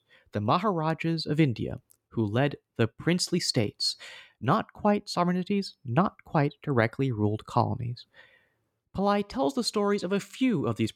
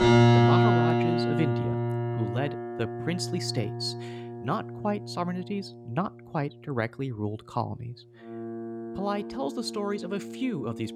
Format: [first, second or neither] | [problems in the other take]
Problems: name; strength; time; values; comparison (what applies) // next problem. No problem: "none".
first | background music; very loud; throughout; 5 dB above the speech